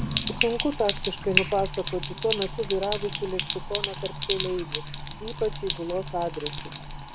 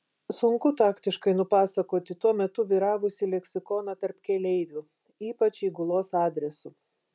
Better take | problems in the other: second | background sound (Sink (filling or washing)); 1 dB below the speech

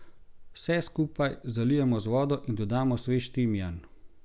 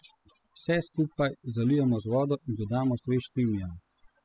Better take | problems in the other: first | noise reduction (classical method spectral subtraction)

